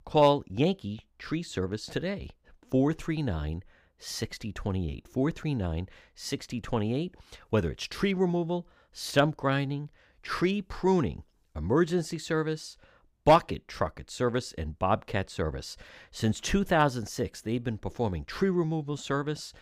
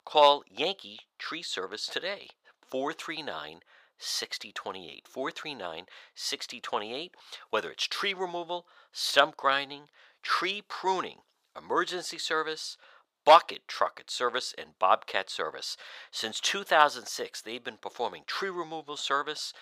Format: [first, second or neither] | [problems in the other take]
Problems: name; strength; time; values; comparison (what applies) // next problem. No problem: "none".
first | thin; very; fading below 700 Hz